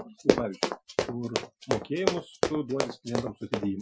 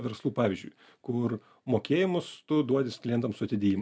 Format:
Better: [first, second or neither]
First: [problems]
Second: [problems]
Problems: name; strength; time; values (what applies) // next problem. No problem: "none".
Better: second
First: noise reduction (classical method Wiener filter)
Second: none